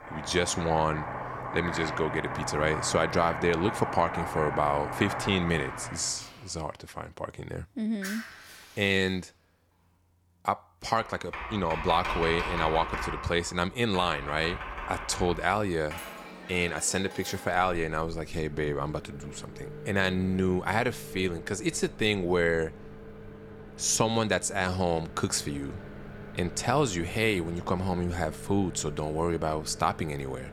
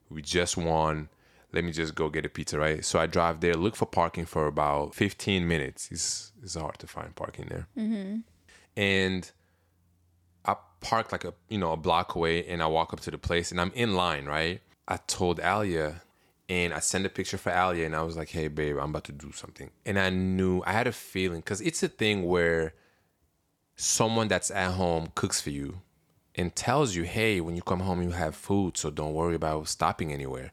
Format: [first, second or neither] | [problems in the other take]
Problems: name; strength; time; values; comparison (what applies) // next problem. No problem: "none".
second | household noises; loud; throughout; 9 dB below the speech